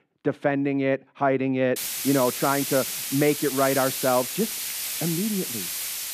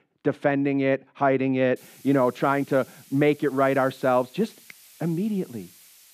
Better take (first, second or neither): second